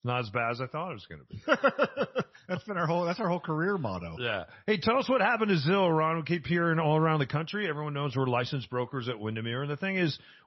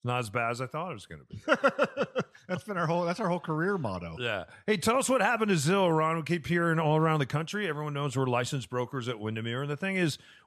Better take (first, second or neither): second